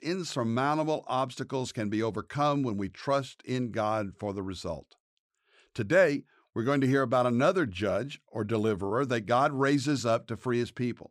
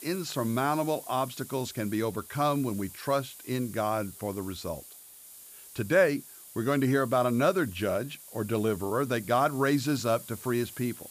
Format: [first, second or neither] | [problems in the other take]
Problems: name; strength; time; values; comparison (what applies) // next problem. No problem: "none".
first | hiss; noticeable; throughout; 15 dB below the speech